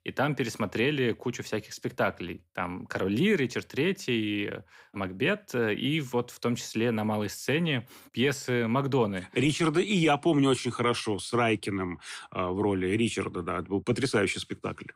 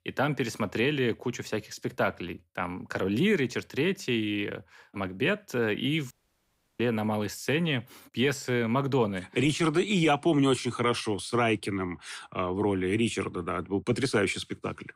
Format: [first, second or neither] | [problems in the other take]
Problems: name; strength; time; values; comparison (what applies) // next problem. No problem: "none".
first | audio cutting out; at 6 s for 0.5 s